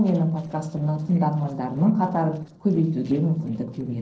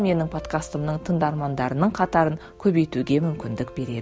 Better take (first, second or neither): second